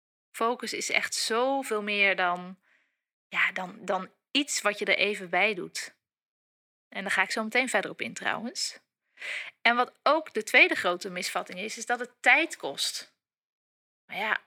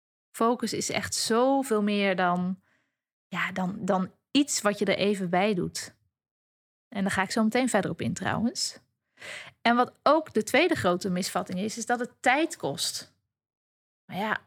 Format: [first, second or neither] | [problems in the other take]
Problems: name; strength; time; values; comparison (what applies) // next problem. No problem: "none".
second | thin; somewhat; fading below 350 Hz